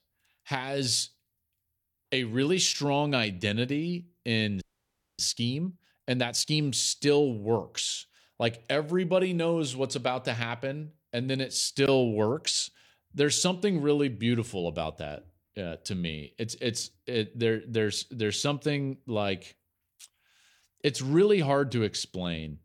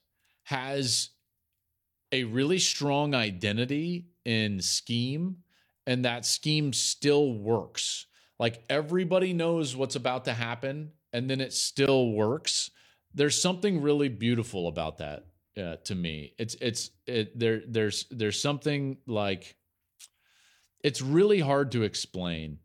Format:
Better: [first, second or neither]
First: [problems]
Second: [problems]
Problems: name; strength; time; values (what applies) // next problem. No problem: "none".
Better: second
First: audio freezing; at 4.5 s for 0.5 s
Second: none